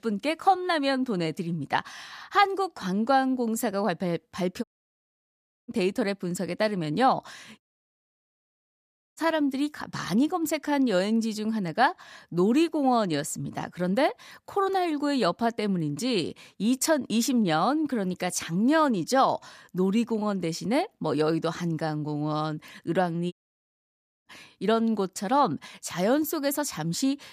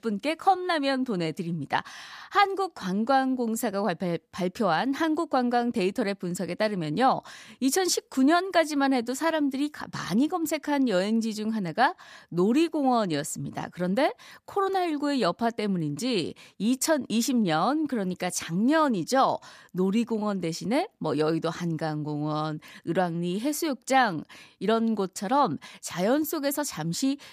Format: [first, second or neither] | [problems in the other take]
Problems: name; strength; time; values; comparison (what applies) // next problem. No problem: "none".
second | audio cutting out; at 4.5 s for 1 s, at 7.5 s for 1.5 s and at 23 s for 1 s